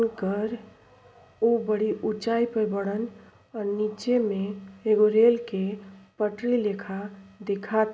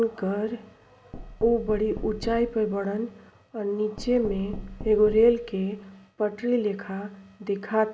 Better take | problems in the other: first | background sound (Knock); 13 dB below the speech

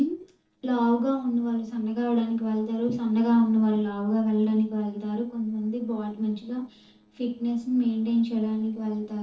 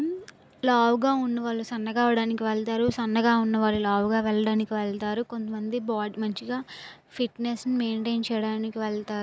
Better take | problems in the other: second | noise reduction (neural separator model SepFormer DNS4)

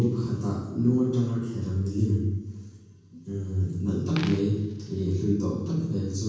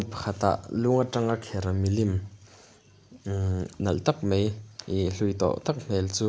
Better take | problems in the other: second | background sound (Coin (dropping)); 17 dB below the speech // room echo; dies away in 1.2 s

